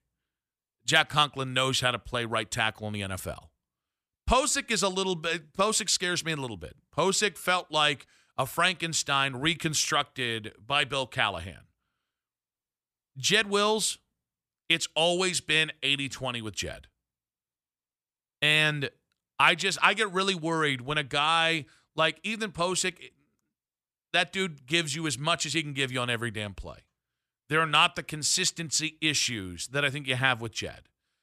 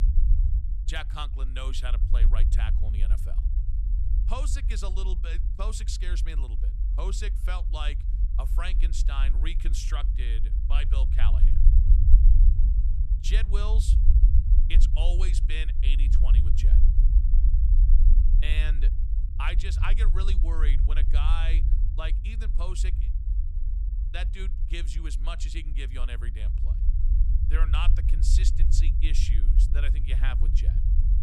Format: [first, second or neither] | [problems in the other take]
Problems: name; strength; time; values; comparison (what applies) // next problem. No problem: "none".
first | low rumble; loud; throughout; 9 dB below the speech